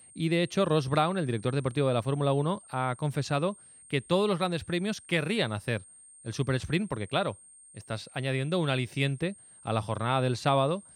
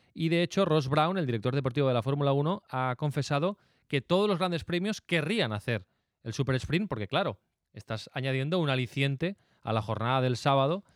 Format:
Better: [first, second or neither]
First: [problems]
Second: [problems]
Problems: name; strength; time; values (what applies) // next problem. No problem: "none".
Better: second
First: high-pitched whine; faint; throughout; 8.5 kHz, 20 dB below the speech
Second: none